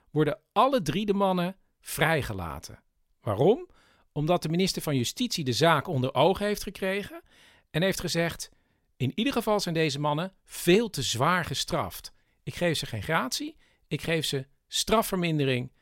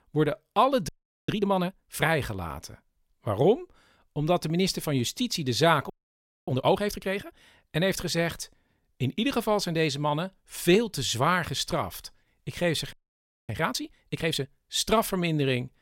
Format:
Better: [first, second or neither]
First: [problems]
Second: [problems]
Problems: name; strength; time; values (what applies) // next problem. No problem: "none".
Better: first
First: none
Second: audio freezing; at 1 s, at 6 s for 0.5 s and at 13 s for 0.5 s